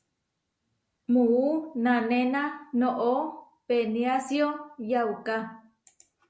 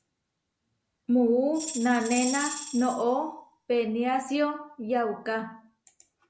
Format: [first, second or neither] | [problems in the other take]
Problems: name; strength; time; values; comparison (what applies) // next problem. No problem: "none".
first | background sound (Tambourine); 9 dB below the speech